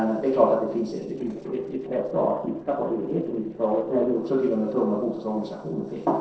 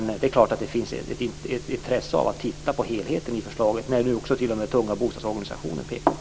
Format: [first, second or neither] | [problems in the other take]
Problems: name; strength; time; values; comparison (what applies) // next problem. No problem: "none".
second | noise reduction (neural separator model SepFormer DNS4)